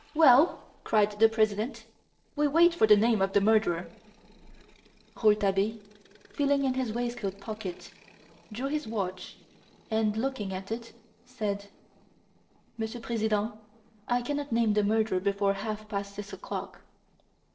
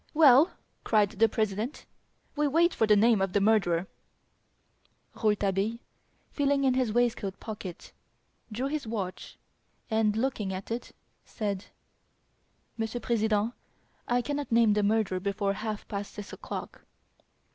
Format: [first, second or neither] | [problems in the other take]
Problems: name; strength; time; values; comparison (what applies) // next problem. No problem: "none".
second | noise reduction (neural separator model SepFormer DNS4)